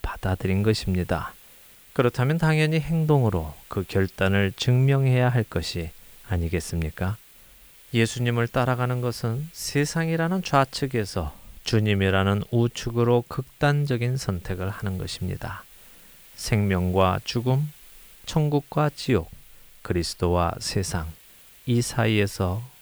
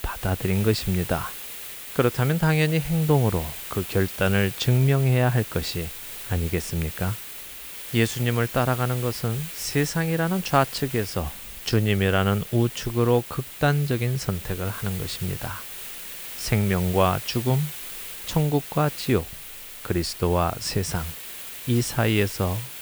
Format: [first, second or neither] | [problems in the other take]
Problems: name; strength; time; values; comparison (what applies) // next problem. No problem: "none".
first | hiss; loud; throughout; 10 dB below the speech; faint in the first